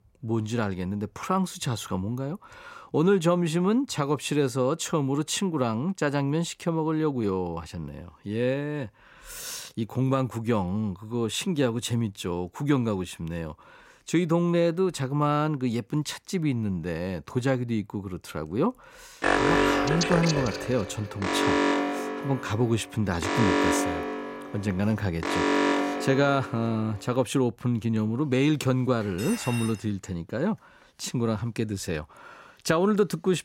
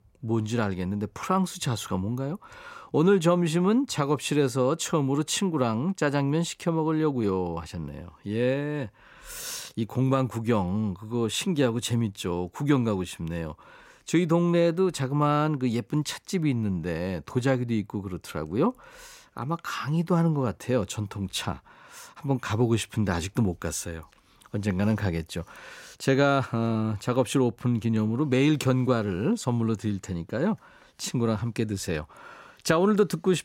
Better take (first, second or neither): second